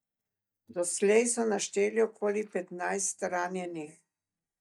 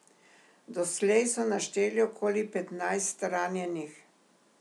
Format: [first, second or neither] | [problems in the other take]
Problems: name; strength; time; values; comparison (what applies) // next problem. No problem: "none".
second | noise reduction (neural mask model DeepFilterNet 3)